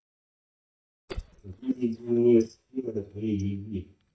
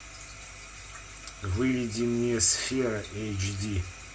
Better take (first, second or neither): second